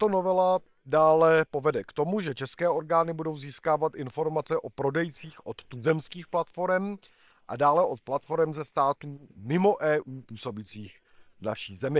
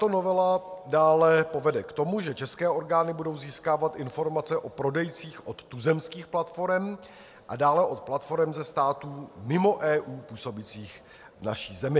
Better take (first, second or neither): second